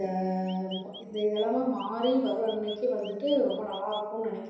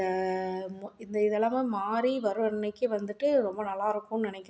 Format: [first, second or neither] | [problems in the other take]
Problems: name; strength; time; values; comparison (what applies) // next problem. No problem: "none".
second | background sound (Chirp, tweet); 17 dB below the speech // room echo; dies away in 1 s